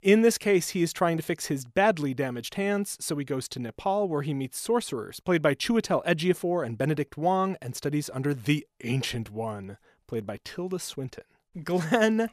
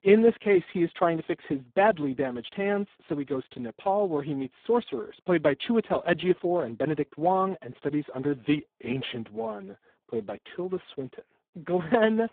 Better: first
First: none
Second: phone-call audio; poor line

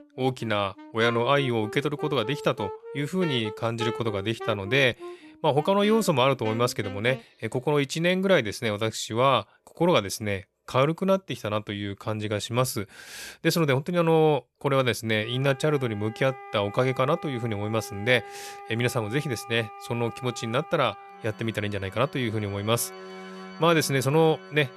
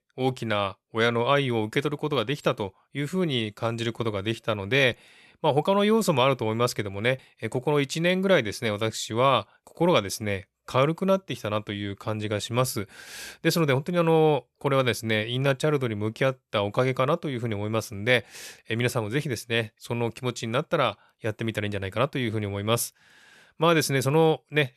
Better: second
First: background music; noticeable; throughout; 15 dB below the speech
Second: none

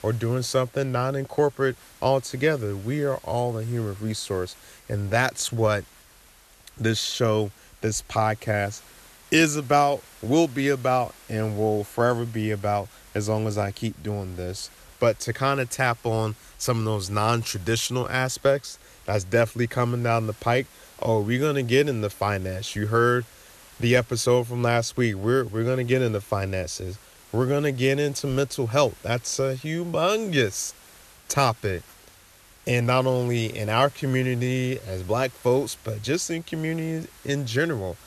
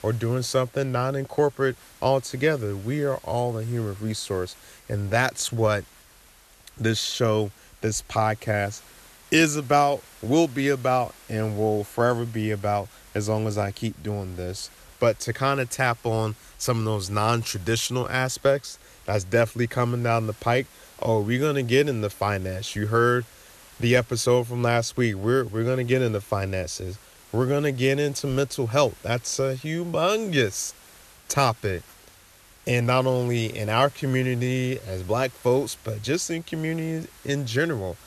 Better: neither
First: hiss; faint; throughout; 25 dB below the speech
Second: hiss; faint; throughout; 25 dB below the speech

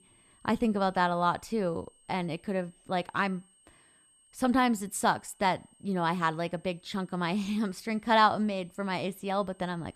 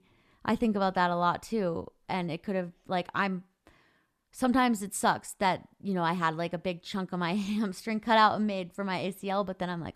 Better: second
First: high-pitched whine; faint; throughout; 8.5 kHz, 30 dB below the speech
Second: none

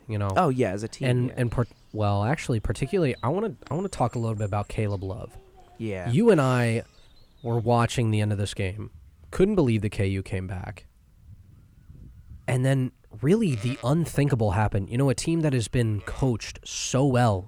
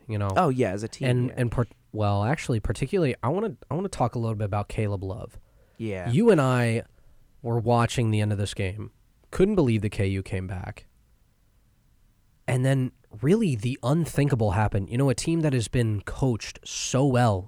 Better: second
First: animal sounds; faint; throughout; 25 dB below the speech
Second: none

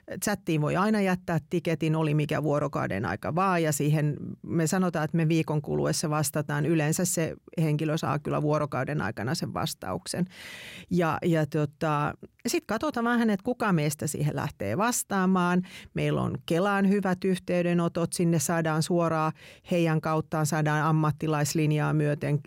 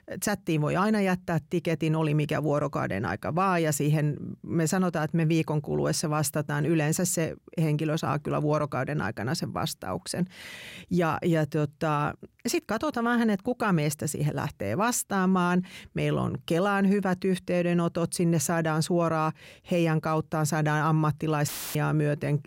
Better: first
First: none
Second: audio cutting out; filled with static; at 21 s

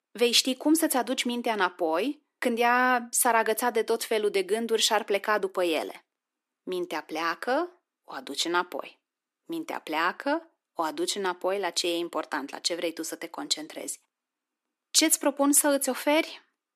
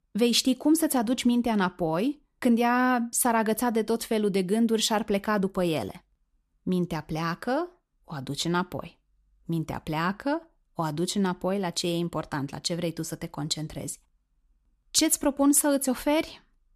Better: second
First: thin; somewhat; fading below 300 Hz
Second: none

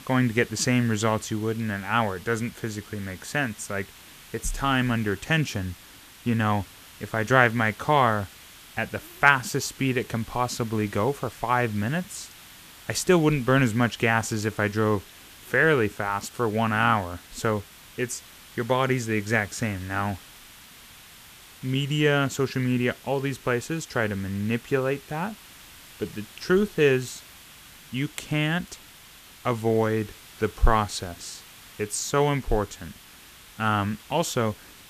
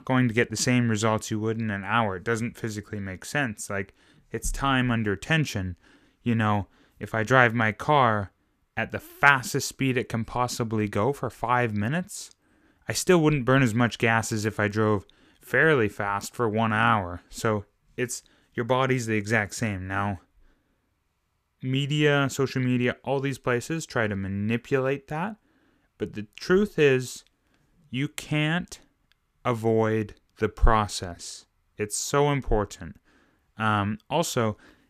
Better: second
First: hiss; faint; throughout; 20 dB below the speech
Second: none

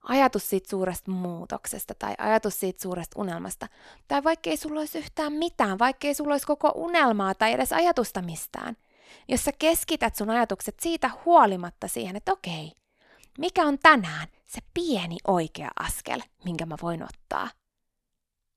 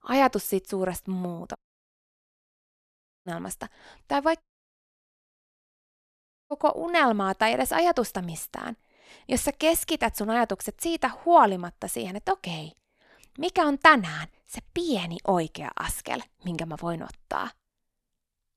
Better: first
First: none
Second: audio cutting out; at 1.5 s for 1.5 s and at 4.5 s for 2 s

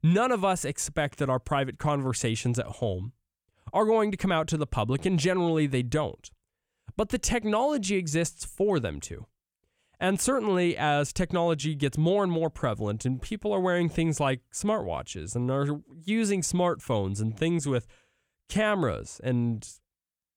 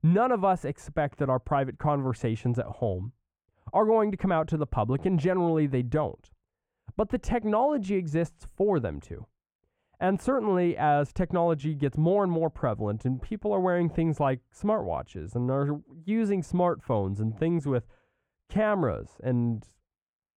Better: first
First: none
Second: muffled; very; fading above 2.5 kHz

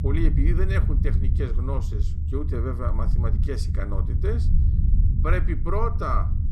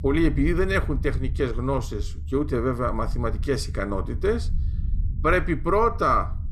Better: second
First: low rumble; loud; throughout; 9 dB below the speech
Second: low rumble; faint; throughout; 25 dB below the speech

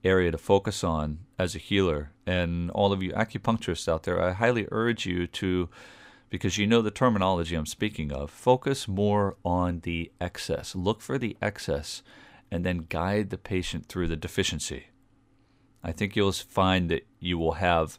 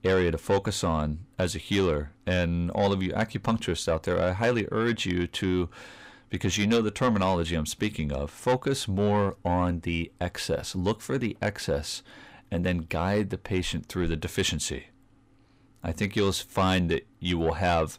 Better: first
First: none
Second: distortion; slight; 10 dB below the speech

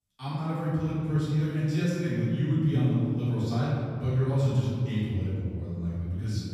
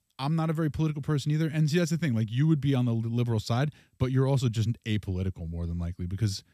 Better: second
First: off-mic speech; far // room echo; strong; dies away in 2.4 s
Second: none

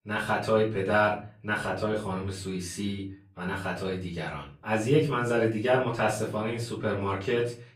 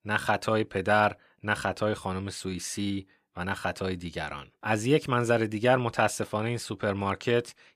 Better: second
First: off-mic speech; far // room echo; slight; dies away in 0.4 s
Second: none

